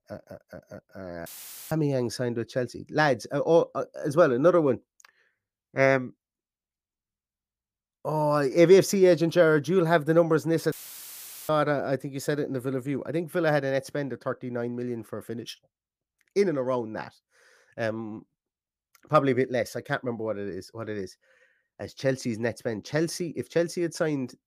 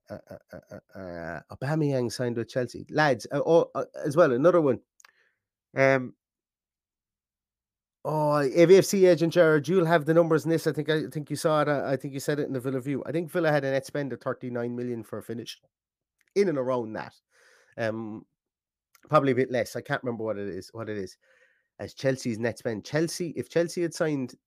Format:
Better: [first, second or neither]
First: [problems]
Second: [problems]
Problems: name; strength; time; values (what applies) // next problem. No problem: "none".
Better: second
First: audio cutting out; filled with static; at 1.5 s and at 11 s for 1 s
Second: none